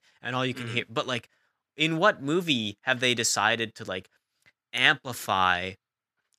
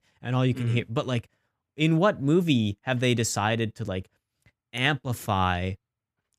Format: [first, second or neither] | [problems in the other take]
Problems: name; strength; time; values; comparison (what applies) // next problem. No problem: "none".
second | thin; somewhat; fading below 500 Hz